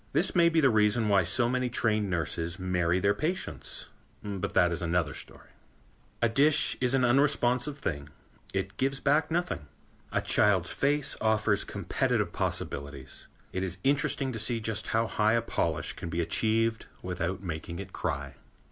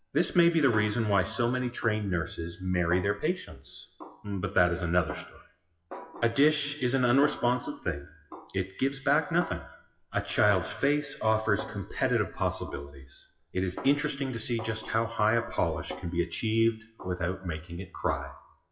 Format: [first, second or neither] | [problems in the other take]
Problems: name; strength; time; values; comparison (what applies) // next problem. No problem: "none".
first | noise reduction (classical method WPE with log-MMSE)